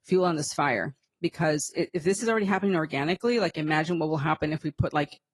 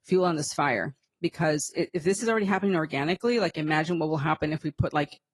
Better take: neither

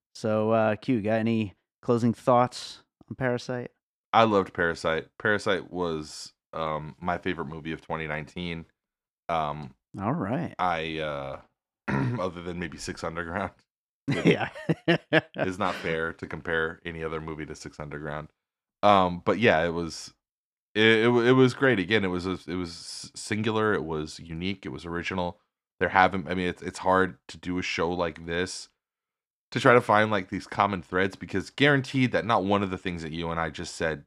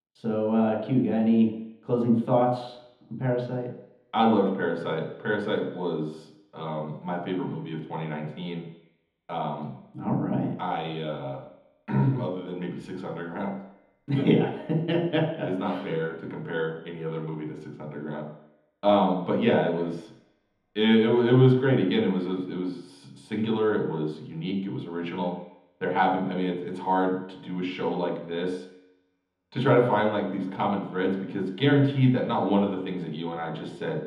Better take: first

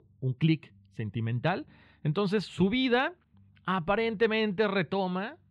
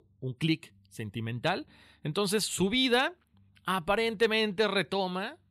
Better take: second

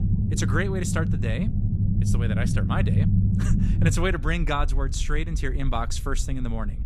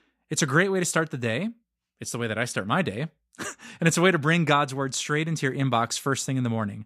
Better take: second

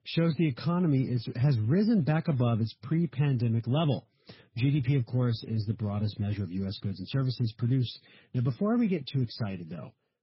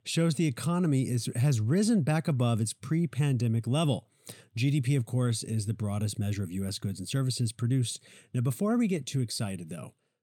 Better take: second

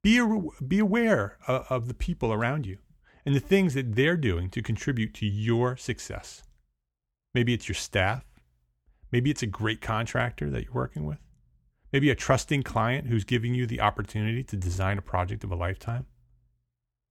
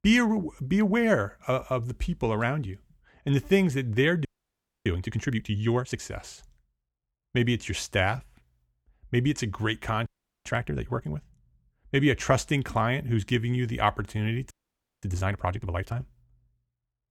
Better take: first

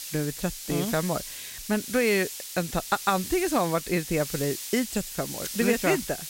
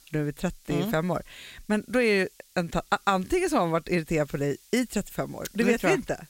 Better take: second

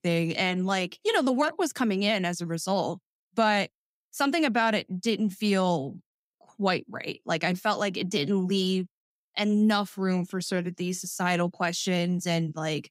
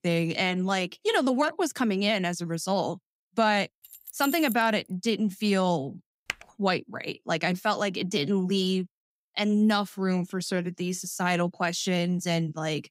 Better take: first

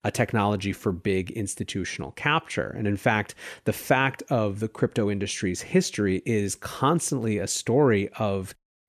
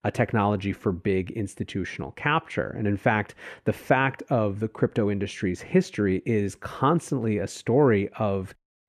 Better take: first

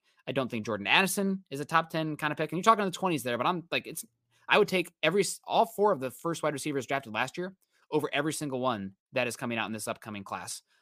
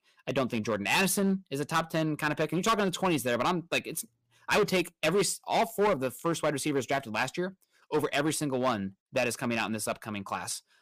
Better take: first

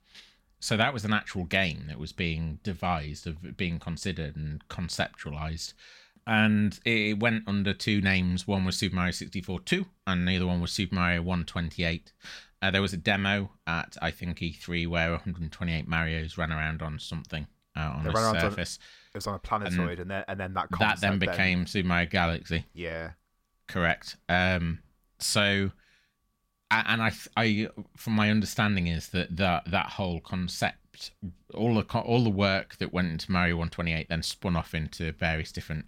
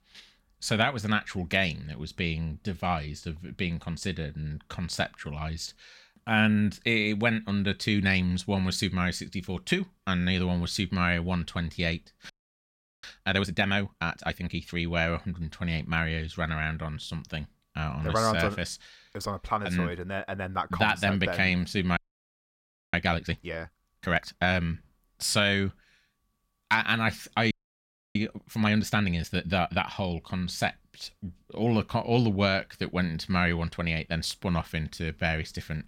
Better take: first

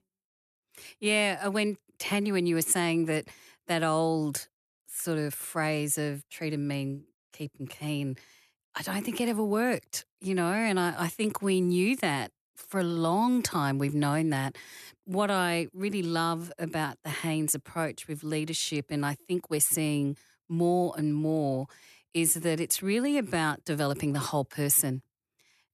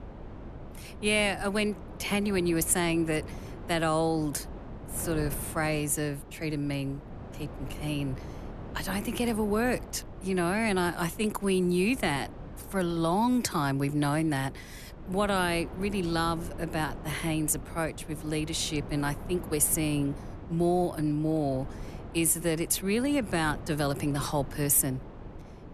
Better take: first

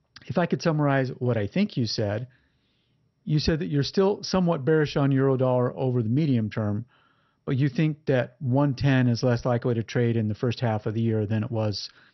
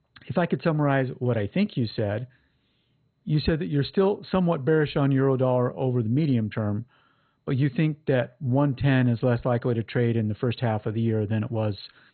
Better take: first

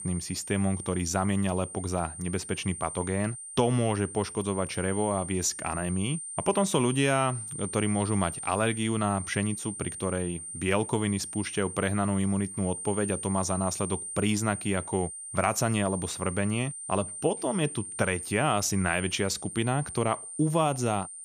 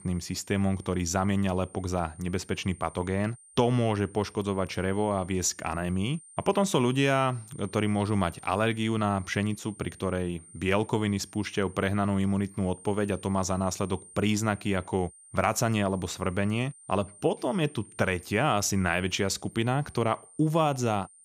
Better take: second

